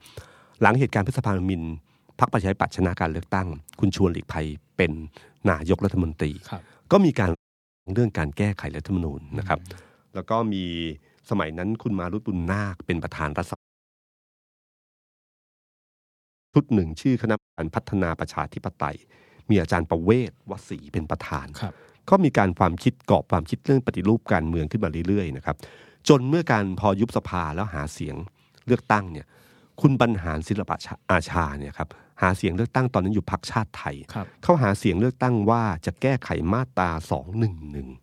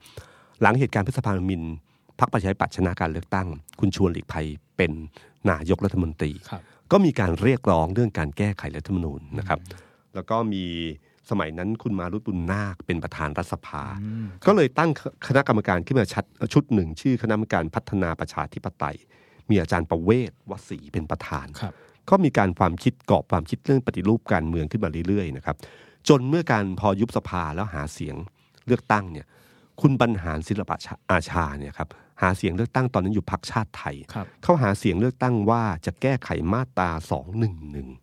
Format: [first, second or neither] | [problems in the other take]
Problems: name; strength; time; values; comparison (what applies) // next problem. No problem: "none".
second | audio cutting out; at 7.5 s for 0.5 s, at 14 s for 3 s and at 17 s